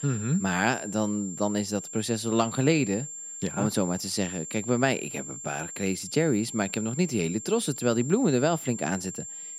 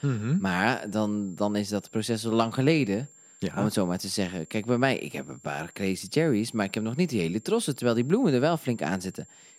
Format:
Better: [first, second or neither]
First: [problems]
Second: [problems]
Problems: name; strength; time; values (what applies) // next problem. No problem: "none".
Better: second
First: high-pitched whine; loud; throughout; 7.5 kHz, 9 dB below the speech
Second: high-pitched whine; faint; throughout; 7.5 kHz, 25 dB below the speech